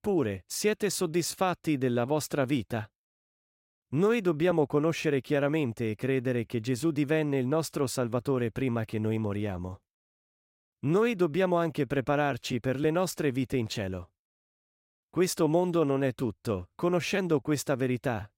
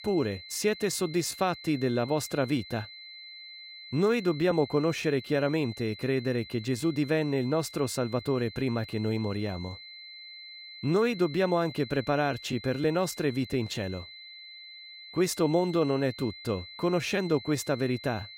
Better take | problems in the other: first | high-pitched whine; noticeable; throughout; 4 kHz, 15 dB below the speech

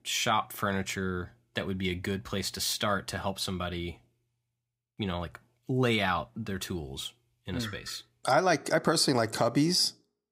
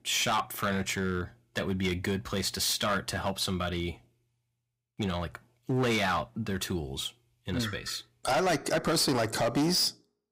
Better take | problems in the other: first | distortion; heavy; 8% of the sound clipped

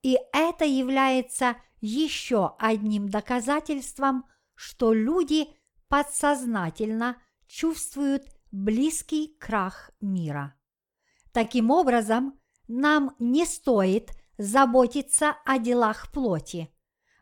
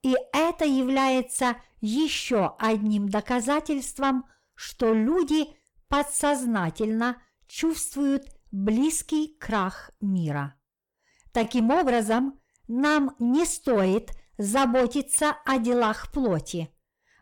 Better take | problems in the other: first | distortion; slight; 10 dB below the speech

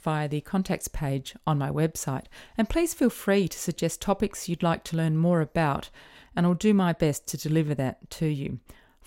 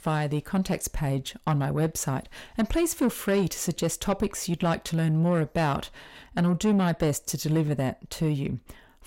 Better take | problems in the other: first | distortion; slight; 10 dB below the speech

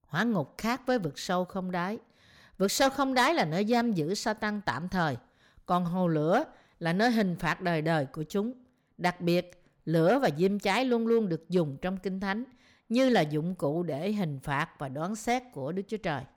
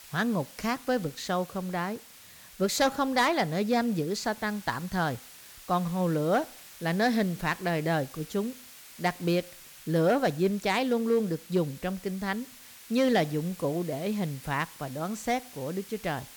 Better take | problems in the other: first | hiss; noticeable; throughout; 20 dB below the speech

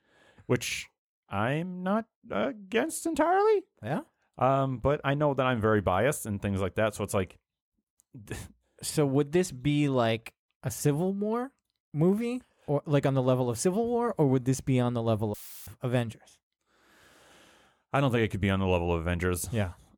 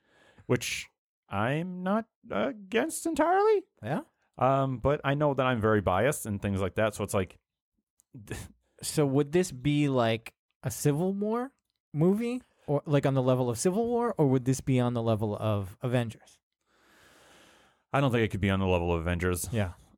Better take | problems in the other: second | audio cutting out; filled with static; at 15 s

